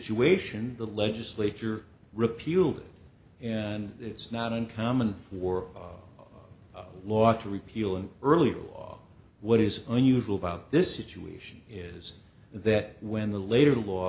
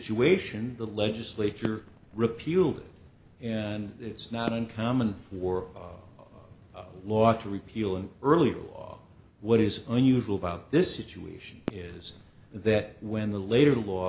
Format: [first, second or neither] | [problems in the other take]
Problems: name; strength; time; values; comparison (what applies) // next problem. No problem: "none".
first | background sound (Fireworks); 17 dB below the speech